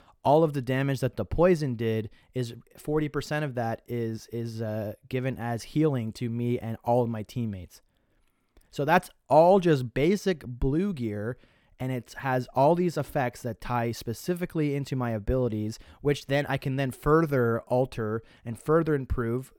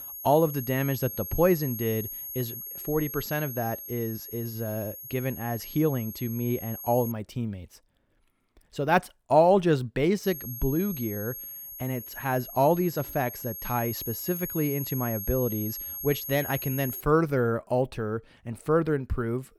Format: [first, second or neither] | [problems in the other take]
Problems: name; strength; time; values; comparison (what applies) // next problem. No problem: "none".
first | high-pitched whine; loud; until 7 s and from 10 to 17 s; 11.5 kHz, 8 dB below the speech